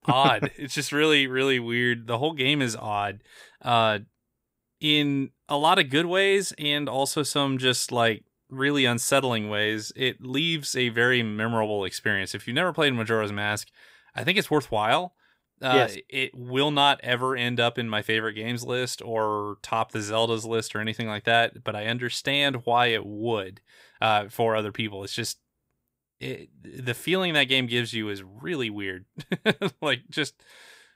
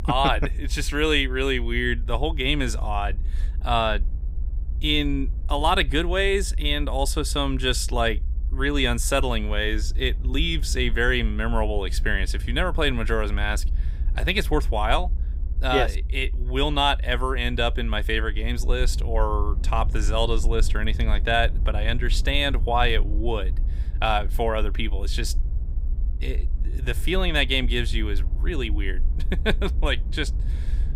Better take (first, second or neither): first